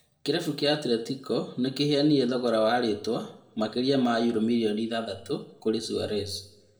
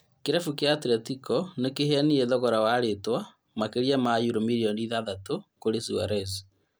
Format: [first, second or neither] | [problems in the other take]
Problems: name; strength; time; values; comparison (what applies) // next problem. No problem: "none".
second | room echo; dies away in 0.6 s